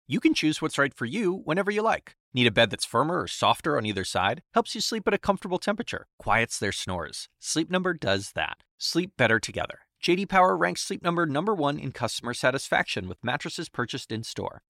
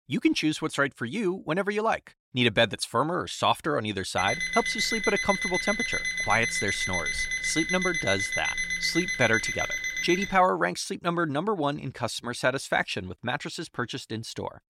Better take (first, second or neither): first